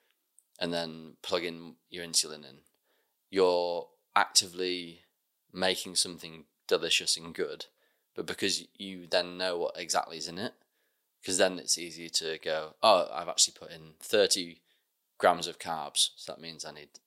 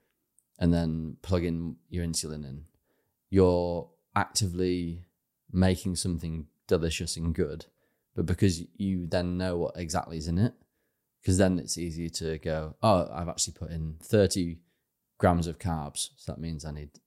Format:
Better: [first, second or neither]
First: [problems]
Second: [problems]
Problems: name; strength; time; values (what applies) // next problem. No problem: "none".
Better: second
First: thin; very; fading below 550 Hz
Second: none